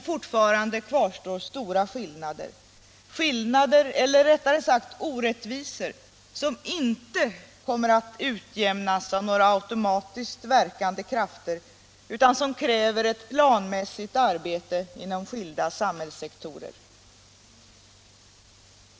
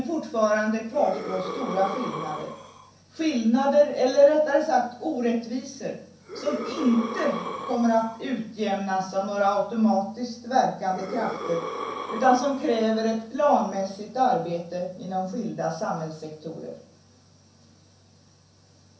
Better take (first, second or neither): first